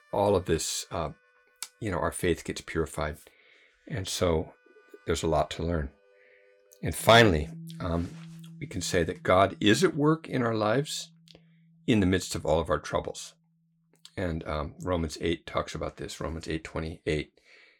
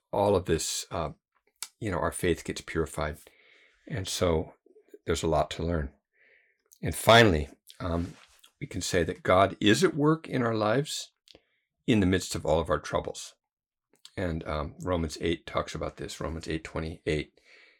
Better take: second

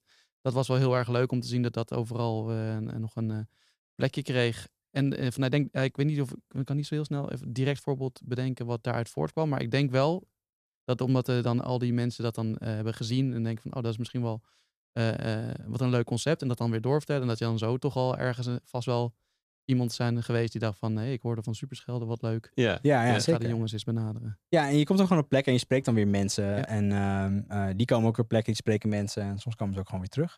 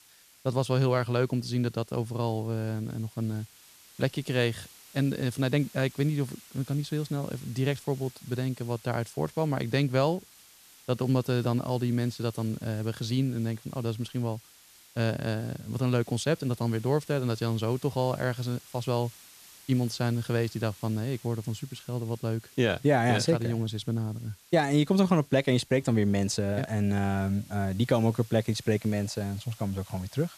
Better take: first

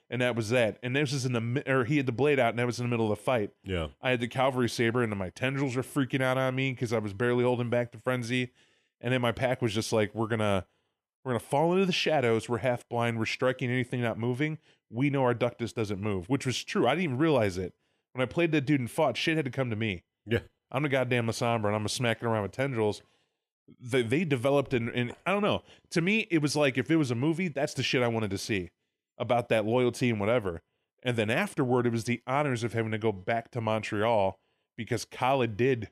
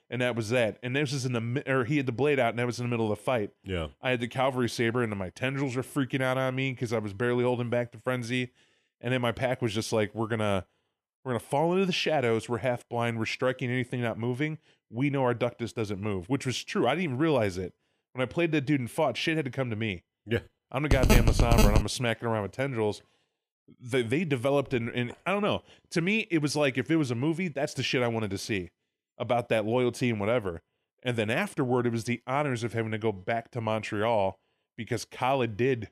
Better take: first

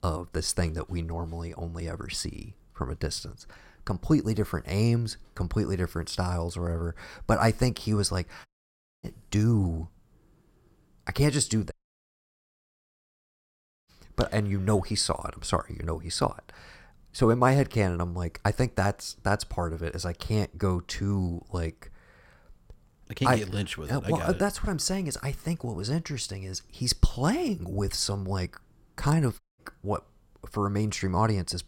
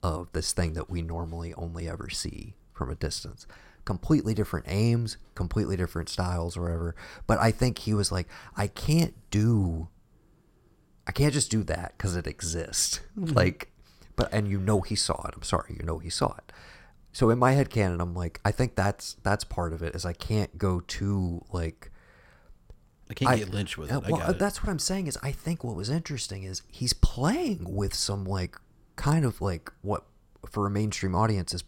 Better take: second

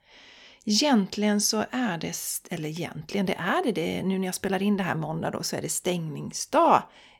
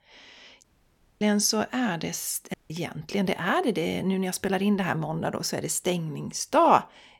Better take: first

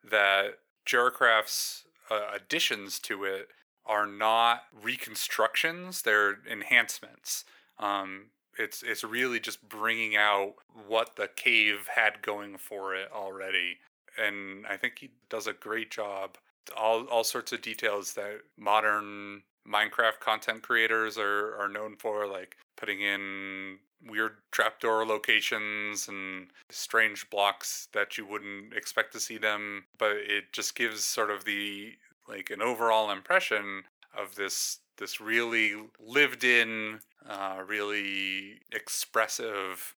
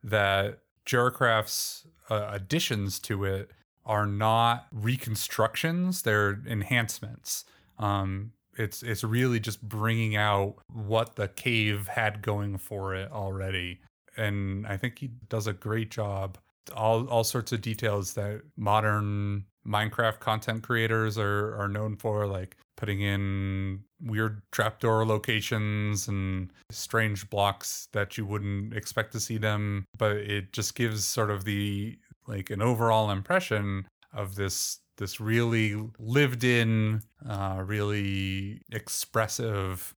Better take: second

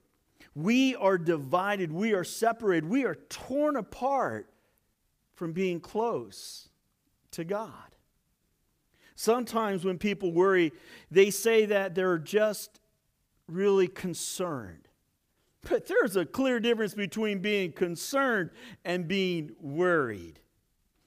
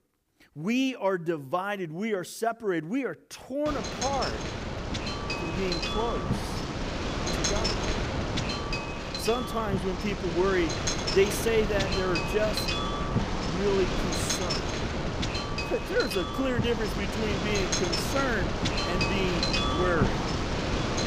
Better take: first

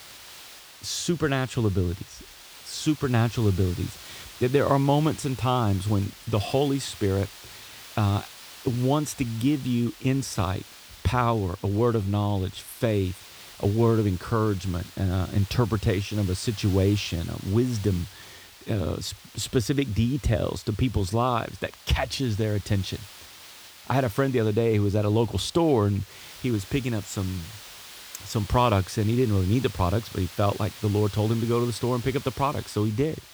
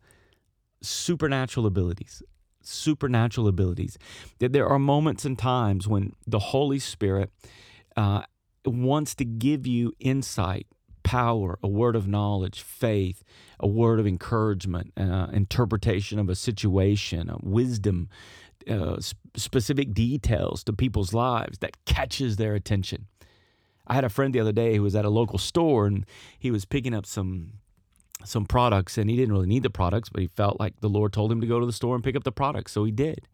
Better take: second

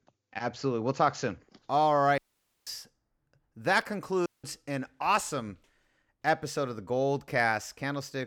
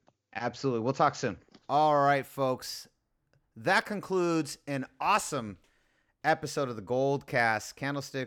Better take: second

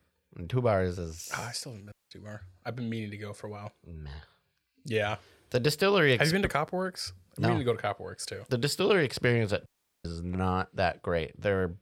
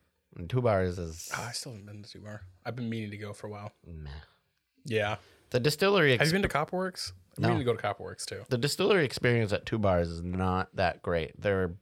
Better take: second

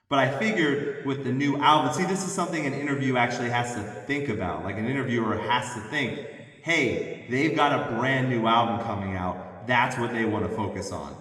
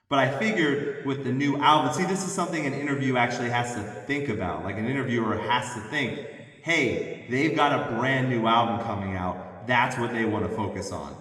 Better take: neither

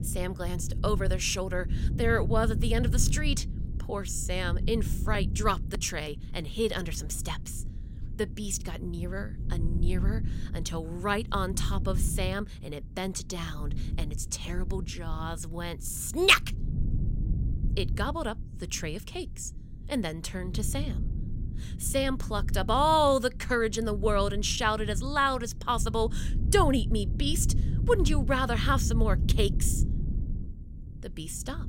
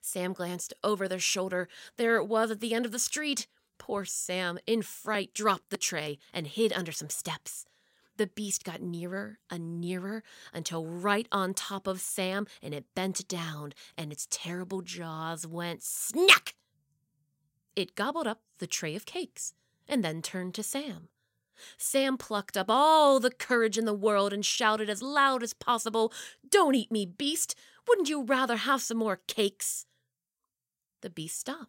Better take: second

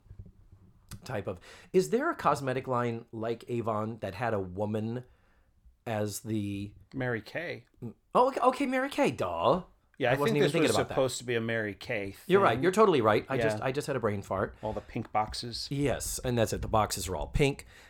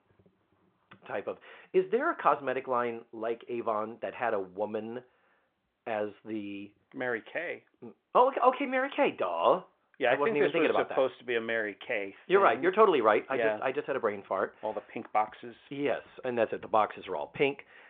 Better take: first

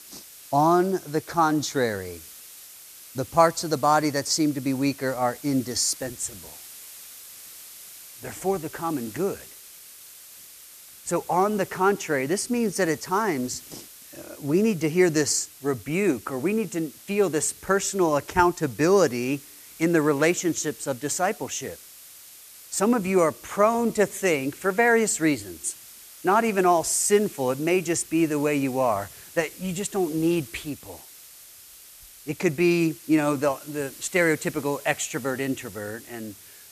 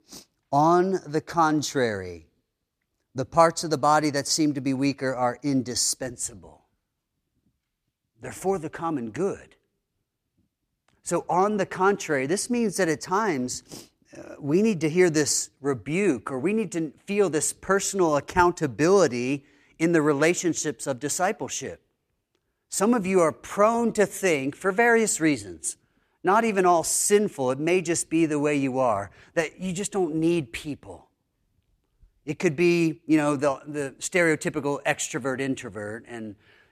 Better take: second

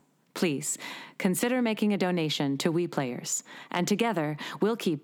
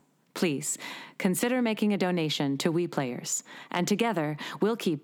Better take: neither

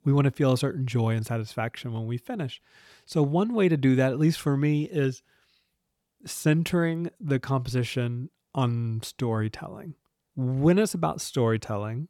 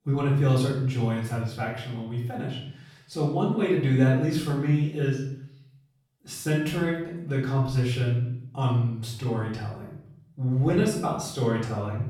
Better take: first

